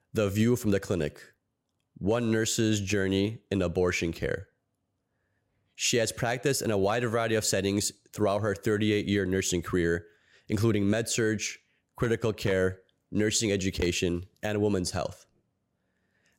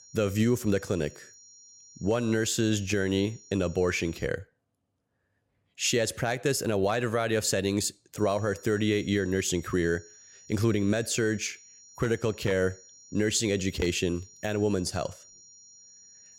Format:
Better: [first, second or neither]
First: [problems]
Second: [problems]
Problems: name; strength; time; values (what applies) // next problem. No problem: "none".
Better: first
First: none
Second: high-pitched whine; faint; until 4.5 s and from 8 s on; 5.5 kHz, 20 dB below the speech